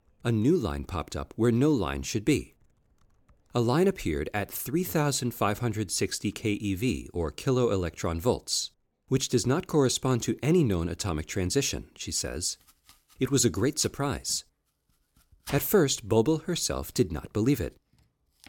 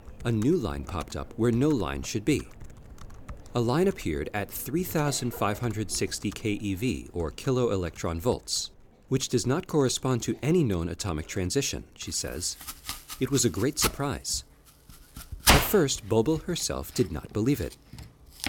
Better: first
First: household noises; faint; throughout; 25 dB below the speech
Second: household noises; loud; throughout; 2 dB below the speech

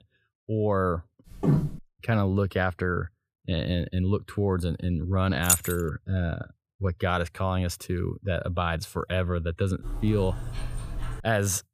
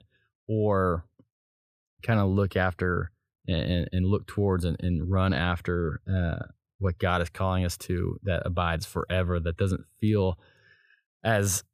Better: second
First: footsteps; loud; at 1.5 s; peak 3 dB above the speech // jangling keys; loud; at 5.5 s; peak 5 dB above the speech // dog barking; noticeable; from 10 to 11 s; peak 8 dB below the speech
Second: none

